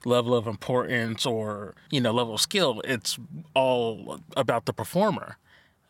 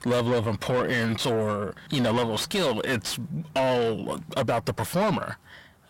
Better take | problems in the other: first | distortion; heavy; 6 dB below the speech

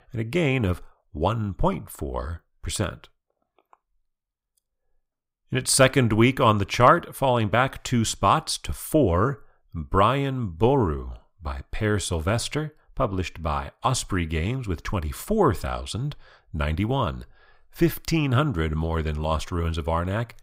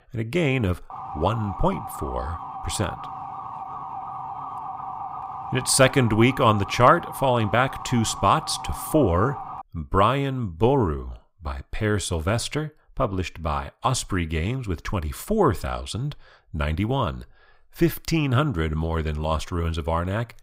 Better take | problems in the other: first | siren; noticeable; from 1 to 9.5 s; peak 9 dB below the speech

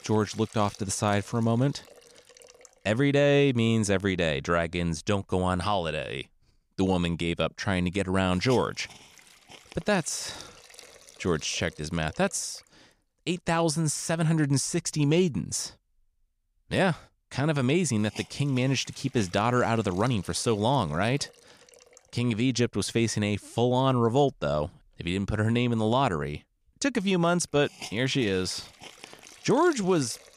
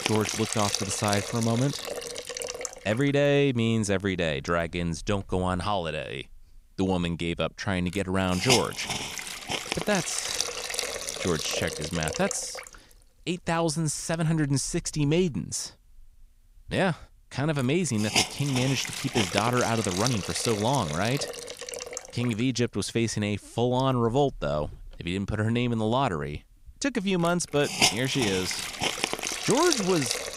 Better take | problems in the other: first | hiss; loud; throughout; 2 dB below the speech; faint in the first

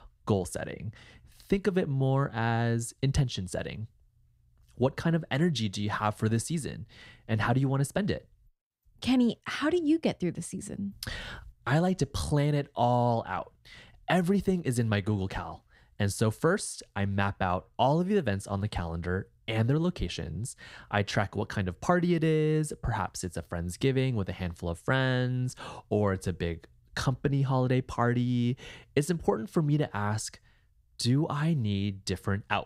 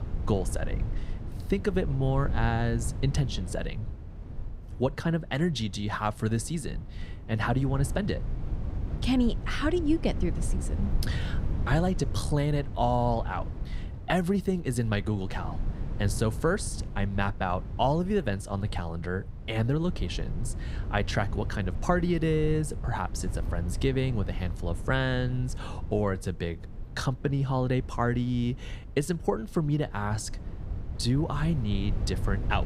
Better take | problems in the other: first | low rumble; noticeable; throughout; 15 dB below the speech

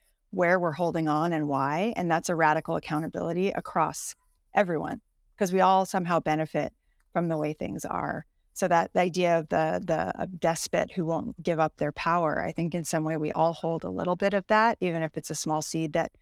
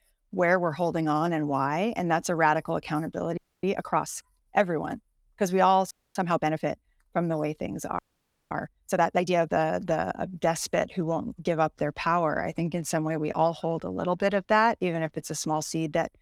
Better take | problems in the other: first | audio freezing; at 3.5 s, at 6 s and at 8 s for 0.5 s

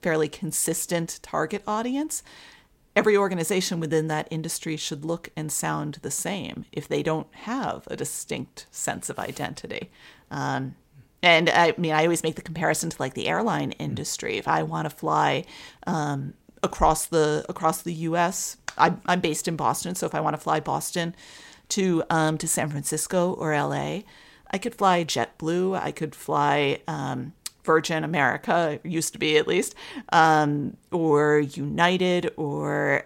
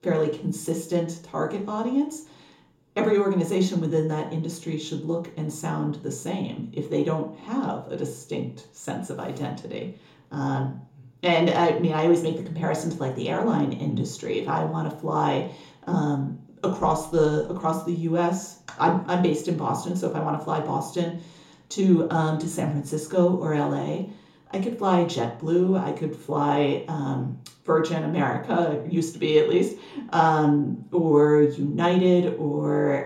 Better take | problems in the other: first | room echo; slight; dies away in 0.7 s // off-mic speech; far

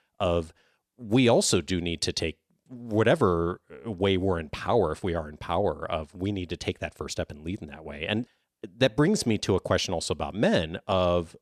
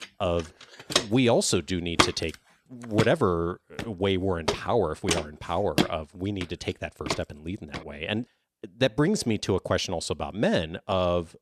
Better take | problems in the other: first | footsteps; loud; from 1 to 7 s; peak 3 dB above the speech

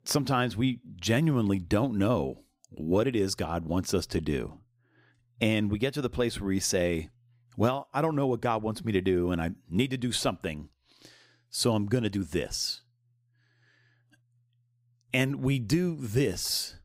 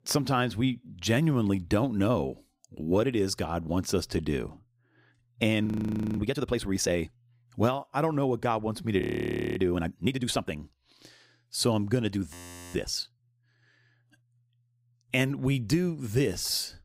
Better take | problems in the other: first | audio freezing; at 5.5 s for 0.5 s, at 9 s for 0.5 s and at 12 s

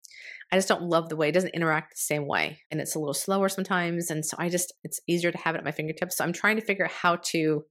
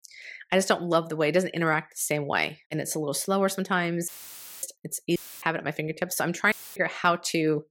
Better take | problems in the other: first | audio cutting out; filled with static; at 4 s for 0.5 s, at 5 s and at 6.5 s

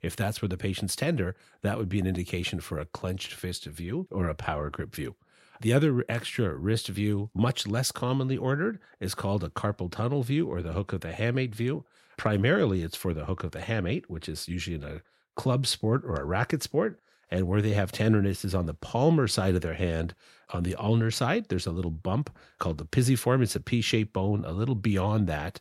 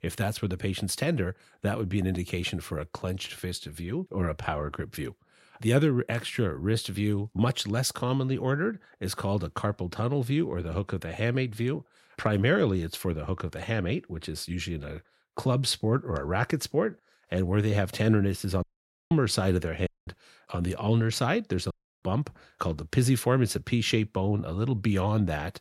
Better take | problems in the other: first | audio cutting out; at 19 s, at 20 s and at 22 s

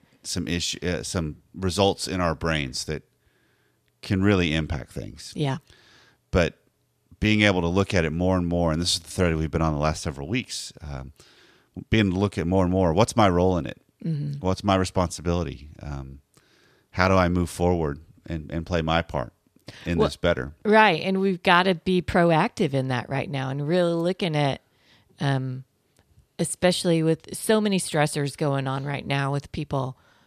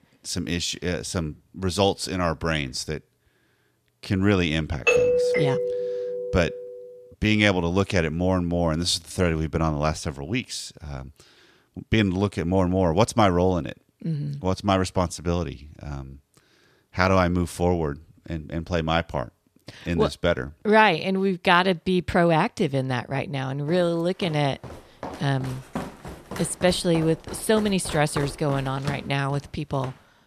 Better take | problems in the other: first | doorbell; loud; from 5 to 6.5 s; peak 5 dB above the speech // footsteps; noticeable; from 24 s on; peak 9 dB below the speech

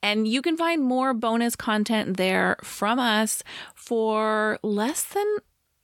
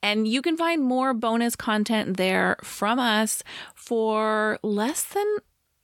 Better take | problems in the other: neither | none

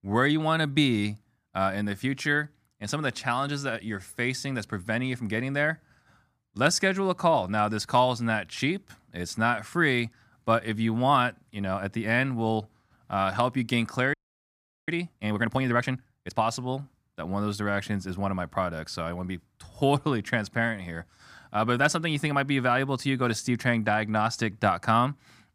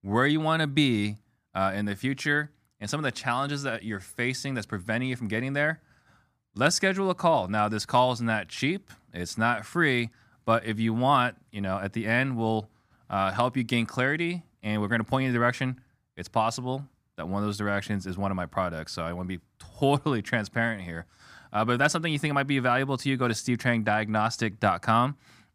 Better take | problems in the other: second | audio freezing; at 14 s for 0.5 s

